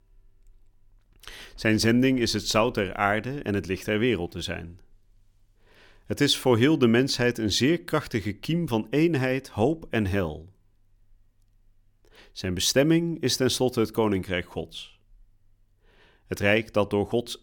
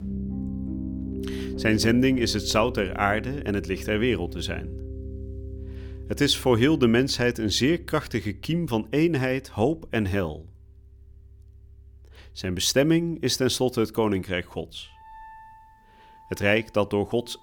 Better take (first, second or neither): first